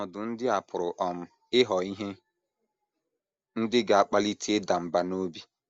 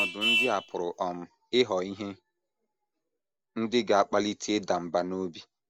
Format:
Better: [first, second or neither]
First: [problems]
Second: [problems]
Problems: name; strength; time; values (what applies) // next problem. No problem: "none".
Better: first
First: none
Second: background sound (Vehicle horn, car horn, honking); 6 dB below the speech